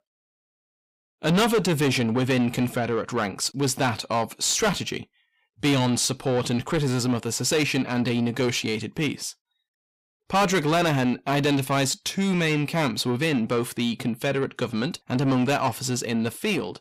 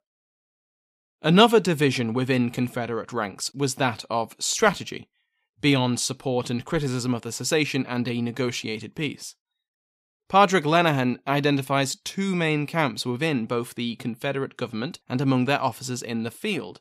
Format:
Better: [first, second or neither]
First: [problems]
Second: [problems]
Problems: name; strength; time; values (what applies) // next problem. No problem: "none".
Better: second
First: distortion; heavy; 7 dB below the speech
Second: none